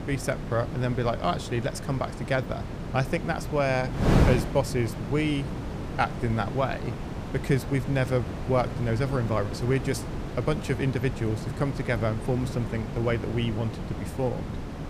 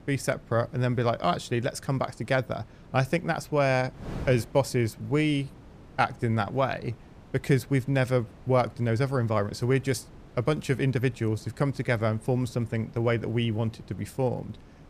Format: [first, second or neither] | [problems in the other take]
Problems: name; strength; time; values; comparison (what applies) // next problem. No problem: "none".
second | wind noise on the microphone; heavy; 7 dB below the speech; occasional gusts in the second